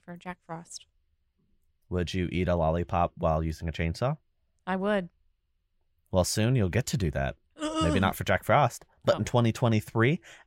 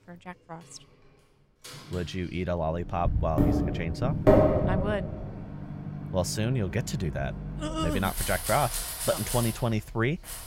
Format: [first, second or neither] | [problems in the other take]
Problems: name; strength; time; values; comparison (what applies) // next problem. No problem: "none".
first | household noises; very loud; throughout; 1 dB above the speech